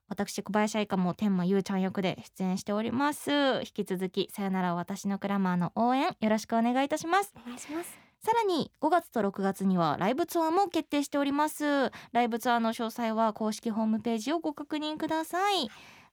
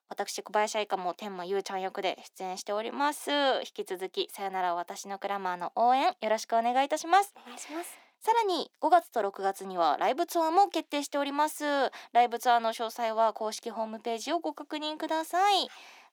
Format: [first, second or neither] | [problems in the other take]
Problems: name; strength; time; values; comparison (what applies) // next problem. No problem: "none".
first | thin; somewhat; fading below 300 Hz